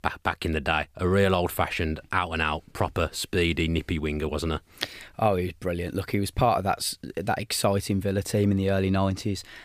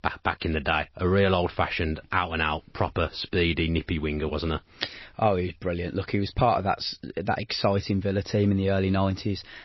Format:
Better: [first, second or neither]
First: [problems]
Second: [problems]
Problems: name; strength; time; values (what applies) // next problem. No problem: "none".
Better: first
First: none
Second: garbled, watery; slightly; nothing above 5.5 kHz